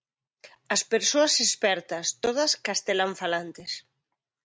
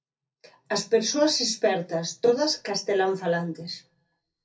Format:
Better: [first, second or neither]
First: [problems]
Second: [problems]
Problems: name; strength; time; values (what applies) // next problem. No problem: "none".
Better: first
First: none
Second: room echo; dies away in 0.3 s